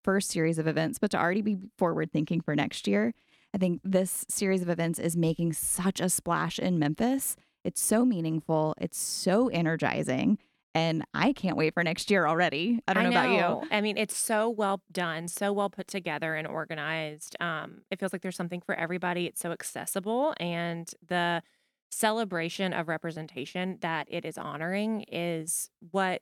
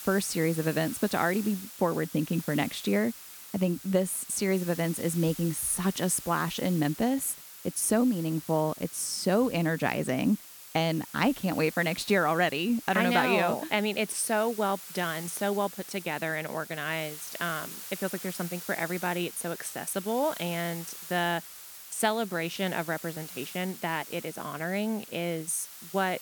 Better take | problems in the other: first | hiss; noticeable; throughout; 10 dB below the speech

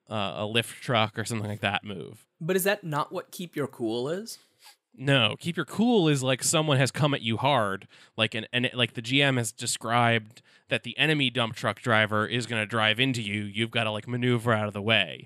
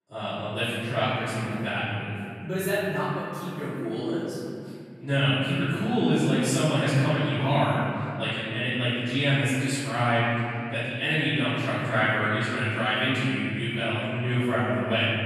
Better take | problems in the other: first | room echo; strong; dies away in 2.5 s // off-mic speech; far

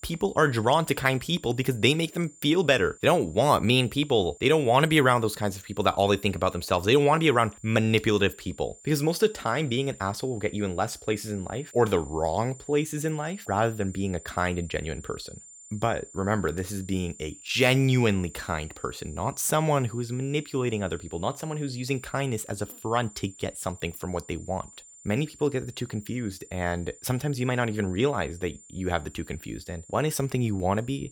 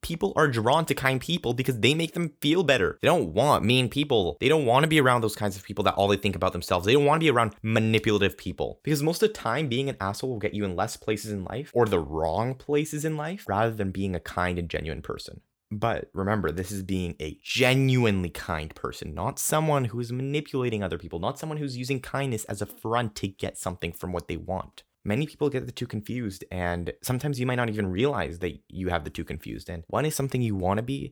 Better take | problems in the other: second | high-pitched whine; faint; throughout; 7 kHz, 20 dB below the speech

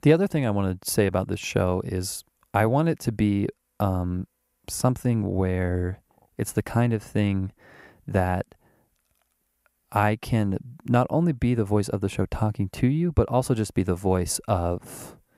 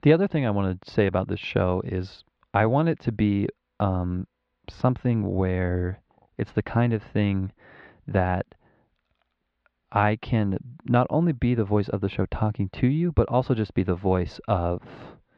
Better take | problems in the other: first | muffled; slightly; fading above 4 kHz

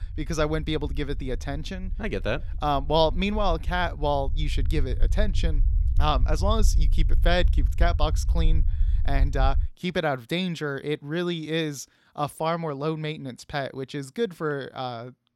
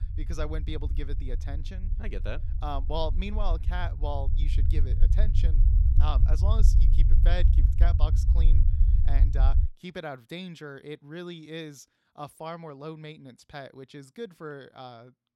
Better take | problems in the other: first | low rumble; loud; until 9.5 s; 7 dB below the speech; faint in the first

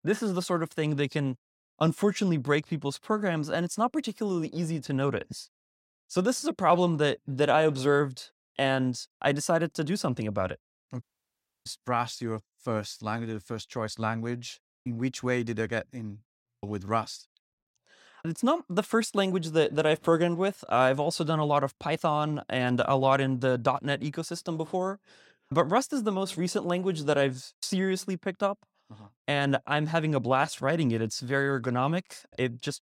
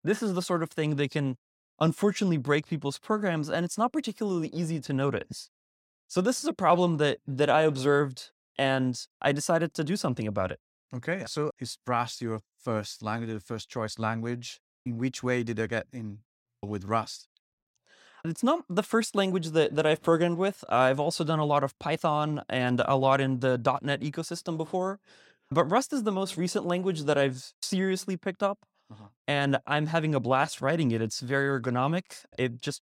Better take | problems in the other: second | audio cutting out; at 11 s for 0.5 s

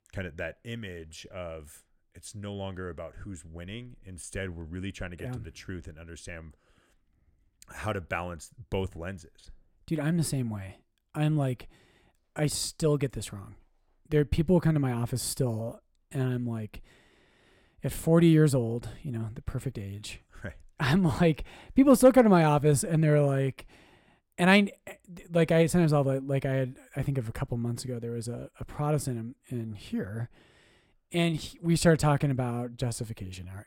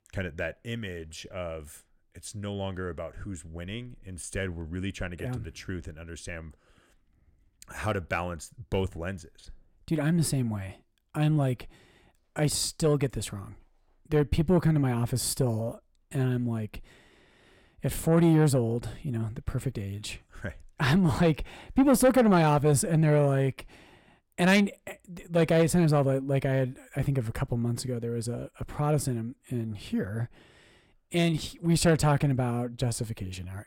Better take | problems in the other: first | distortion; slight; 10 dB below the speech

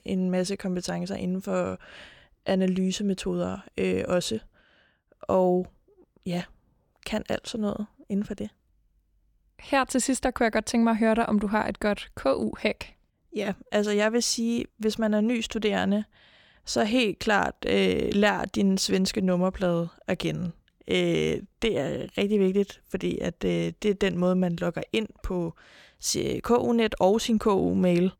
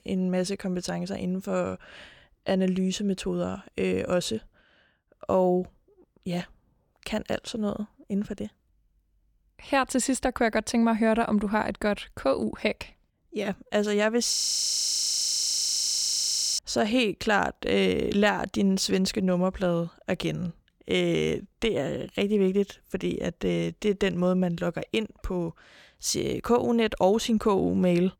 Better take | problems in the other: first | audio freezing; at 14 s for 2 s

